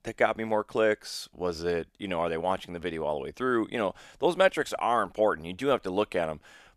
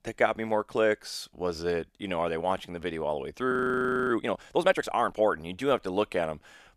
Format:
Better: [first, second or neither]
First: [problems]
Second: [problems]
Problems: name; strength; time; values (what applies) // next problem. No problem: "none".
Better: first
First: none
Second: audio freezing; at 3.5 s for 0.5 s